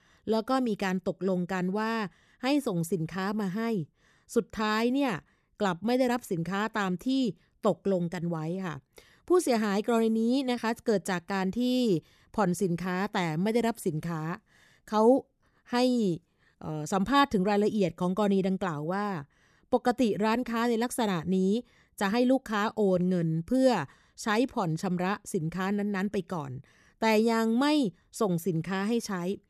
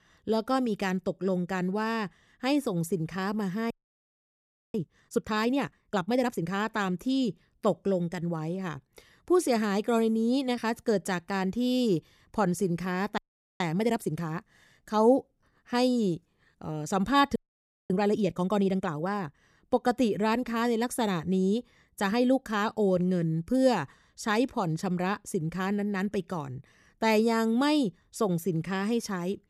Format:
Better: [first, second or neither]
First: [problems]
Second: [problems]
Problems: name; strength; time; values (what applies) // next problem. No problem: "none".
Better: first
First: none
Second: audio freezing; at 3.5 s for 1 s, at 13 s and at 17 s for 0.5 s